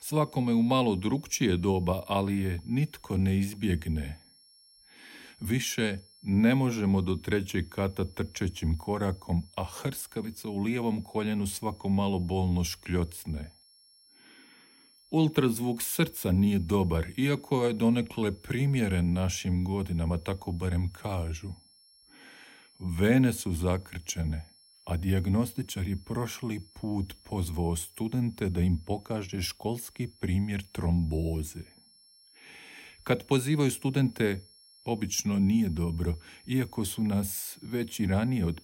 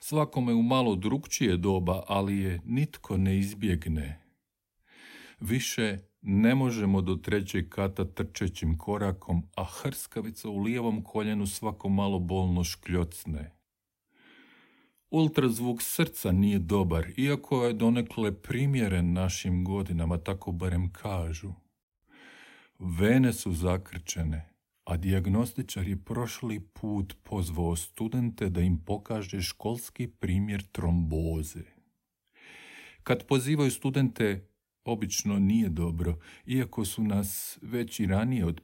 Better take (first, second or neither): second